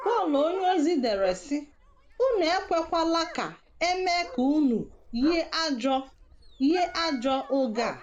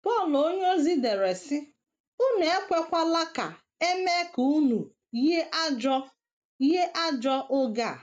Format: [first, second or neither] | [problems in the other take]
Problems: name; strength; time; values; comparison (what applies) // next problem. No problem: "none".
second | background sound (Dog); 16 dB below the speech